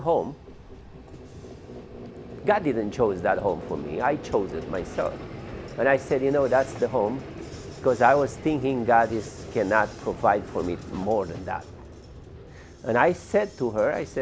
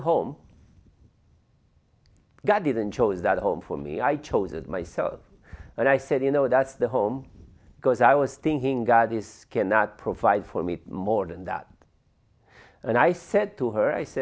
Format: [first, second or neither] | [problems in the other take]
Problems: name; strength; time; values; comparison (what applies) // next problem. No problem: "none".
second | background sound (Vehicle); 14 dB below the speech